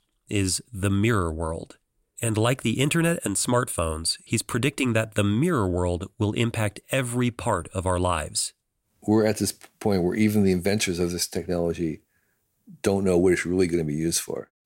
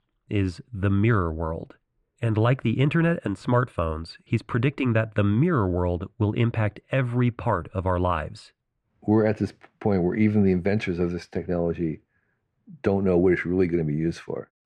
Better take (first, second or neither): first